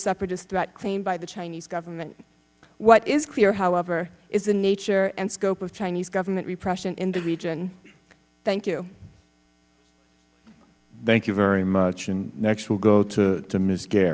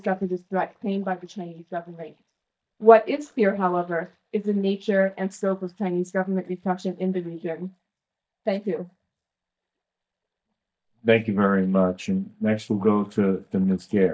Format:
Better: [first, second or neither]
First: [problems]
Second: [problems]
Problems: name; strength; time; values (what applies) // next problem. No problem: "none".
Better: first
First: none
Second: noise reduction (neural mask model DeepFilterNet 3)